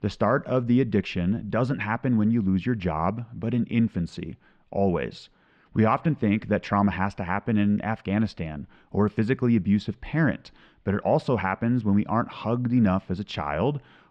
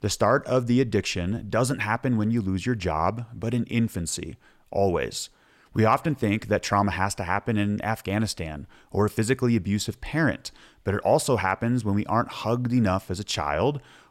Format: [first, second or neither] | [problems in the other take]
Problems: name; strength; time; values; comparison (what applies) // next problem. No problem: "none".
second | muffled; slightly; fading above 3.5 kHz